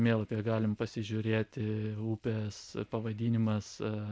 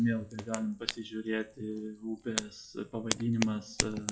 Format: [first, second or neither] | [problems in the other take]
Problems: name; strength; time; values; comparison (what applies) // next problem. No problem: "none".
first | noise reduction (classical method WPE with log-MMSE)